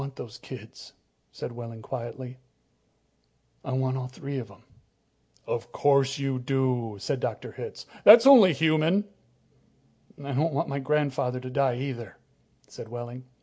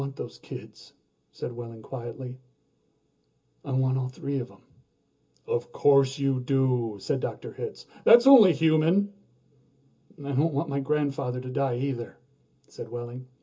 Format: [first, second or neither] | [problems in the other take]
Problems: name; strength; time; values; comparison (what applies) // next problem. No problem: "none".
first | room echo; dies away in 0.2 s